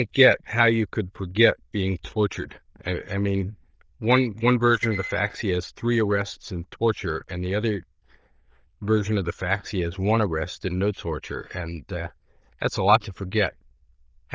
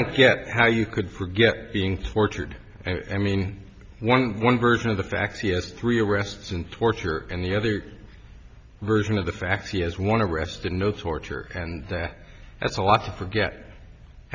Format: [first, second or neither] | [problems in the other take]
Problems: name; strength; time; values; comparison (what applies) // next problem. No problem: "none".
second | noise reduction (neural diffusion model UNIVERSE++)